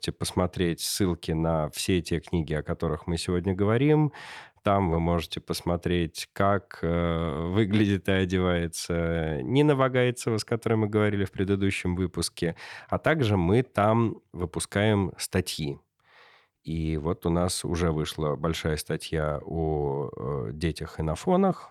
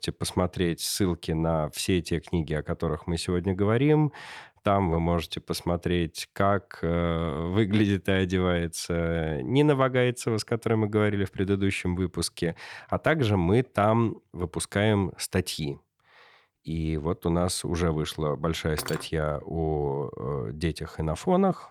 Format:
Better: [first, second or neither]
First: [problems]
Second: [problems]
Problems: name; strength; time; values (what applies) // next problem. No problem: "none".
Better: first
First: none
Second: clattering dishes; noticeable; at 19 s; peak 9 dB below the speech